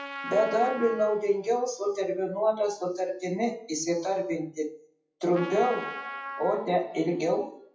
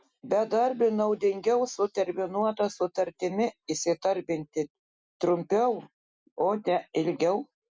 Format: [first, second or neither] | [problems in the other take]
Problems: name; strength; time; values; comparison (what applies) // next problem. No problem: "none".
second | noise reduction (classical method WPE with log-MMSE)